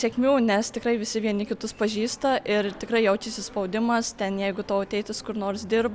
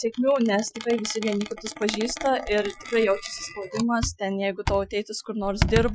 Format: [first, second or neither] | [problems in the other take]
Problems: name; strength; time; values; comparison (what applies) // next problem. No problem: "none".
first | noise reduction (classical method Wiener filter)